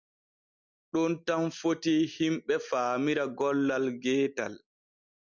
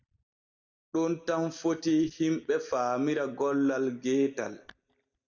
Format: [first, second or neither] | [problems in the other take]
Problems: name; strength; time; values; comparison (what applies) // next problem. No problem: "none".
first | noise reduction (neural mask model DeepFilterNet 3)